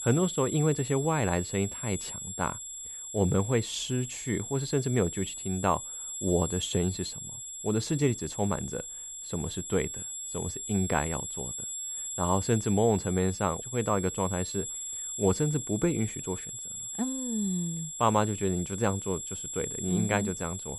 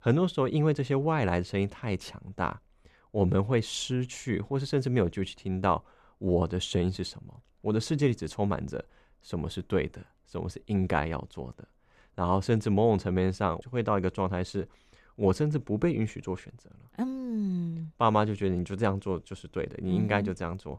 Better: second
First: high-pitched whine; loud; throughout; 7.5 kHz, 6 dB below the speech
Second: none

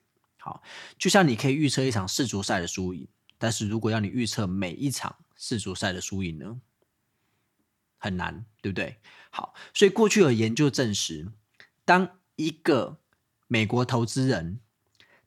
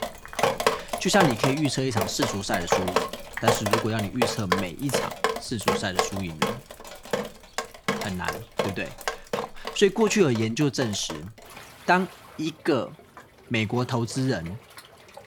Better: first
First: none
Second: rain or running water; loud; throughout; 2 dB below the speech

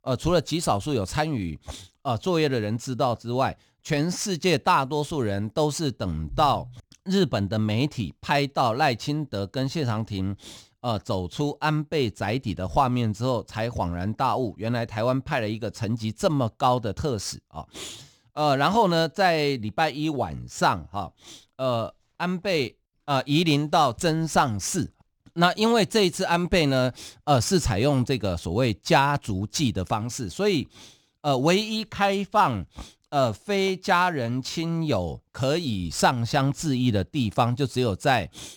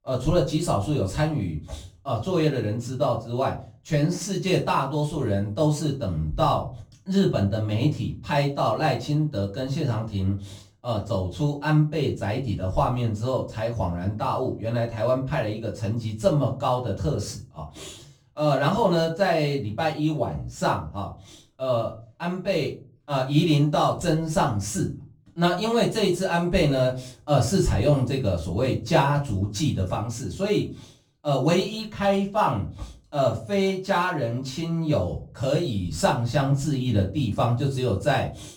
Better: first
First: none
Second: room echo; slight; dies away in 0.3 s // off-mic speech; far

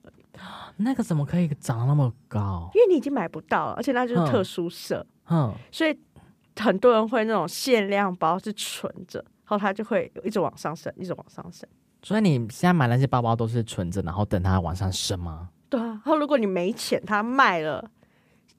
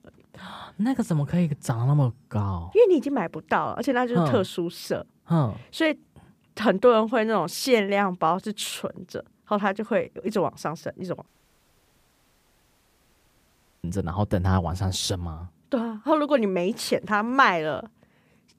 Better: first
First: none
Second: audio cutting out; at 11 s for 2.5 s

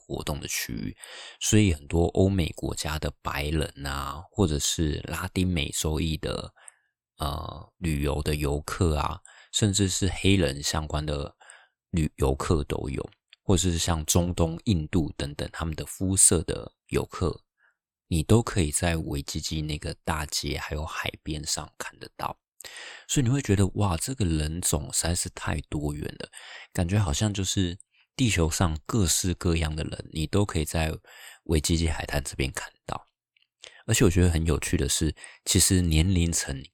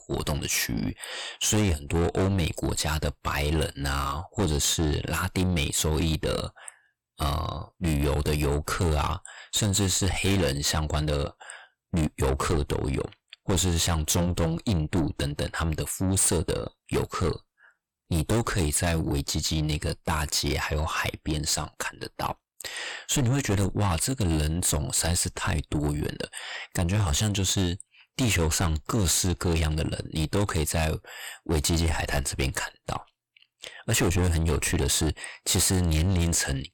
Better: first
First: none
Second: distortion; heavy; 6 dB below the speech

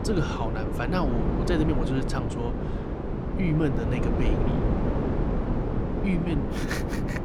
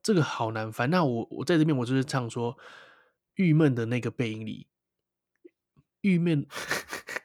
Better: second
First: wind noise on the microphone; heavy; 1 dB below the speech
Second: none

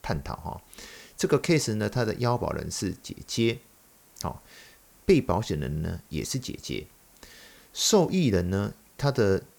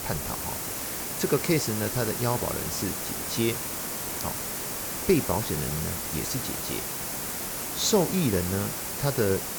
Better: first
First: hiss; faint; throughout; 30 dB below the speech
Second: hiss; loud; throughout; 1 dB below the speech

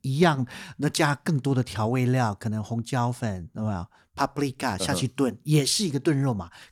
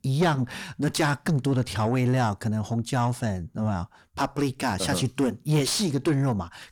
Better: first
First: none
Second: distortion; slight; 10 dB below the speech

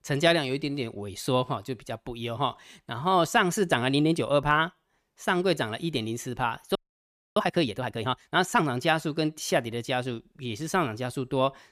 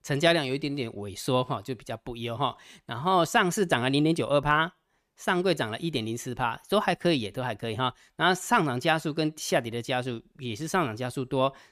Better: second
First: audio freezing; at 7 s for 0.5 s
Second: none

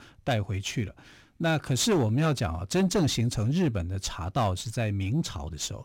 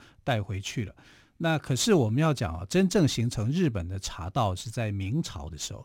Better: second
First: distortion; slight; 10 dB below the speech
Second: none

